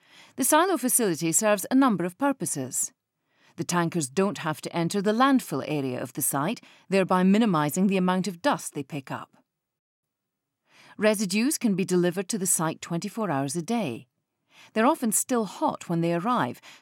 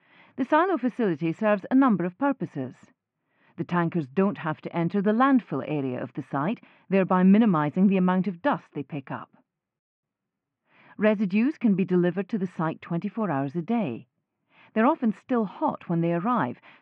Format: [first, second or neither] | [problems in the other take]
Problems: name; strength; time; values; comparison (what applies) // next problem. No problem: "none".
first | muffled; very; fading above 2.5 kHz